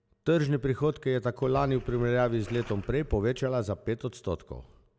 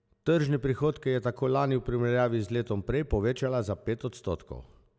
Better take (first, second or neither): second